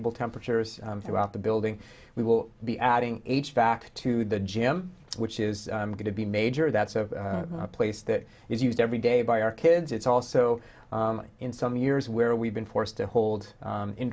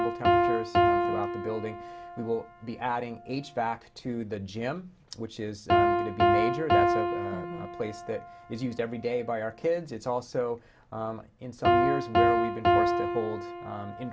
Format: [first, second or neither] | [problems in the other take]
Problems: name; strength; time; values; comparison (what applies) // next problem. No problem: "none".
first | background sound (Piano); 5 dB above the speech